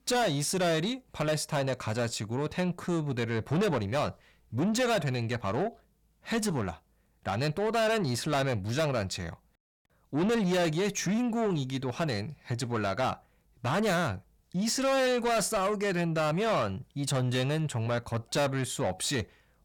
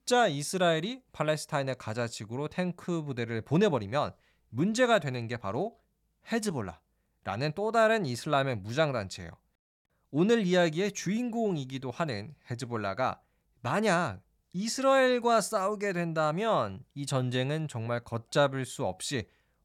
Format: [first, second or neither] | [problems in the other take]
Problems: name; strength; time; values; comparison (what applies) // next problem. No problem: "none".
second | distortion; heavy; 7 dB below the speech